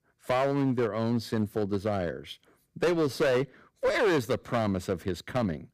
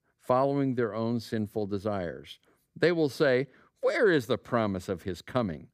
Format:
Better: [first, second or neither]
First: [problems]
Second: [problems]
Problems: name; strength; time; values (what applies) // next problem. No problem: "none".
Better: second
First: distortion; heavy; 10% of the sound clipped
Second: none